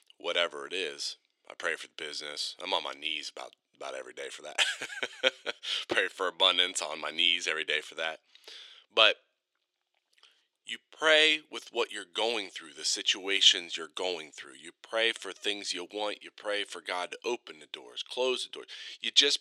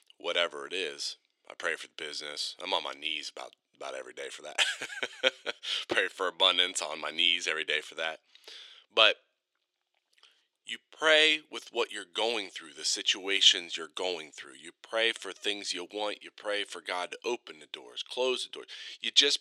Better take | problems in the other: neither | thin; very; fading below 350 Hz; the same in both

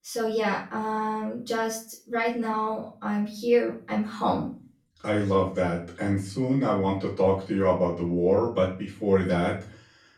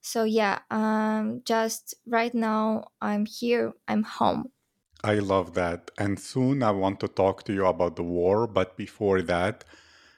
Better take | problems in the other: second | off-mic speech; far // room echo; slight; dies away in 0.3 s

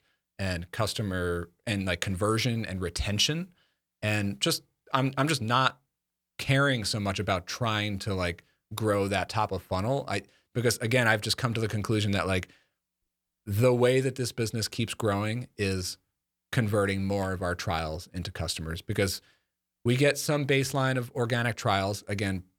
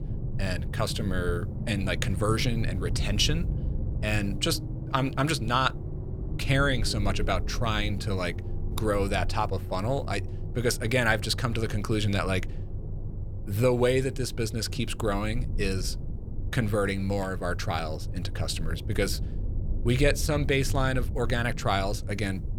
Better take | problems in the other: first | low rumble; noticeable; throughout; 15 dB below the speech

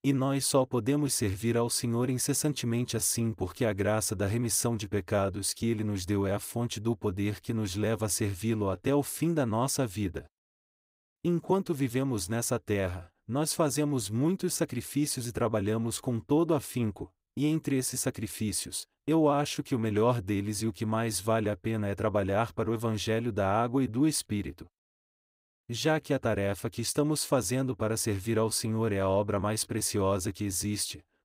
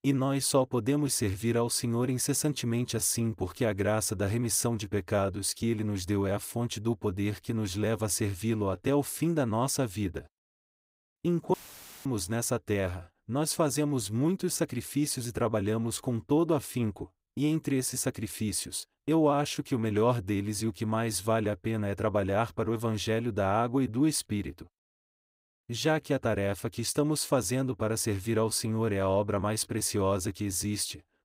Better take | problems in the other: first | audio cutting out; filled with static; at 12 s for 0.5 s

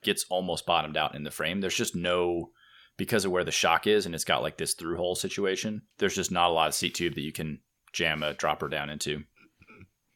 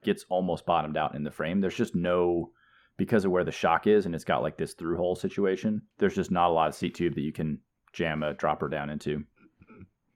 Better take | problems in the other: first | muffled; very; fading above 2.5 kHz

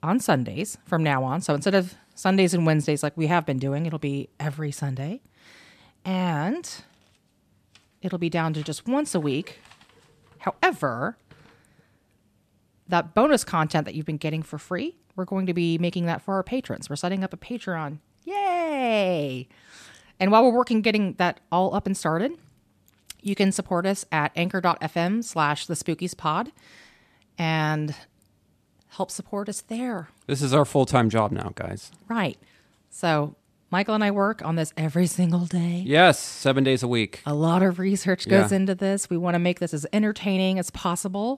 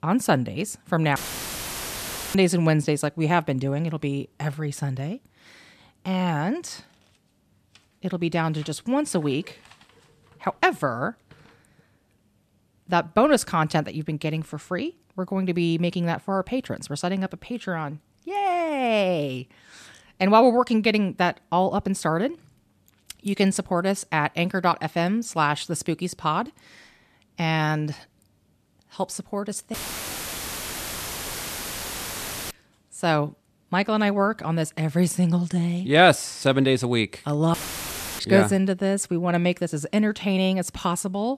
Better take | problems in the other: first | audio cutting out; filled with static; at 1 s for 1 s, at 30 s for 3 s and at 38 s for 0.5 s

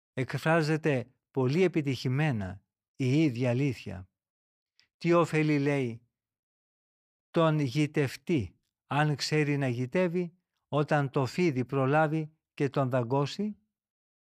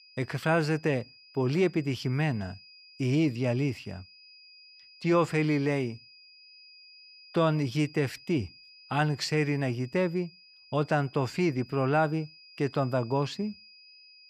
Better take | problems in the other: first | high-pitched whine; faint; throughout; 5 kHz, 20 dB below the speech

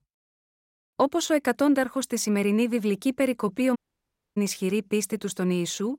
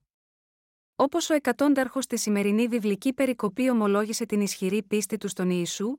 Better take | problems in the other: second | audio cutting out; at 4 s for 0.5 s

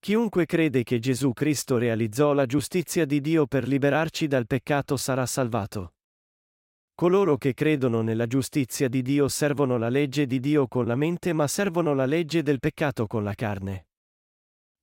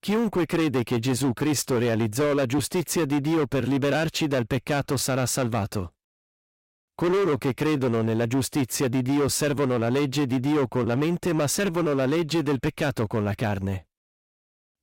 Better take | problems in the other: first | distortion; heavy; 18% of the sound clipped

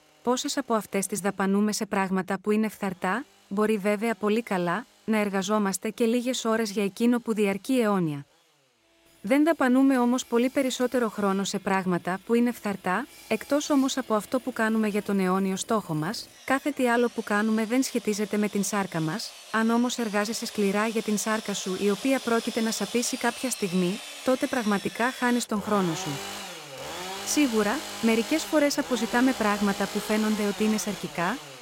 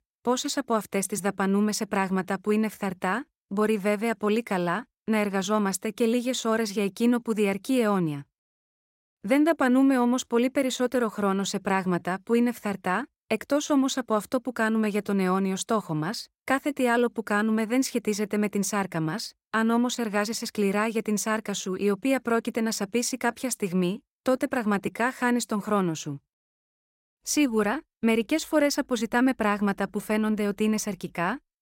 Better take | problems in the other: second | machinery noise; noticeable; throughout; 10 dB below the speech

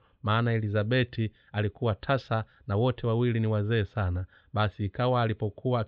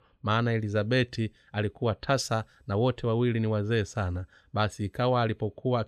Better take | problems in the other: second | muffled; slightly; fading above 3.5 kHz

